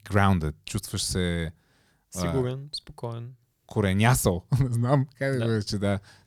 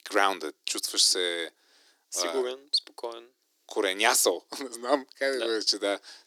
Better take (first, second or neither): first